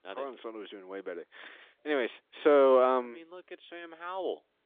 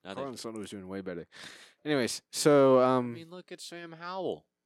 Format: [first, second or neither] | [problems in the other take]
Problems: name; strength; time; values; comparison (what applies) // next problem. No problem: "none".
second | phone-call audio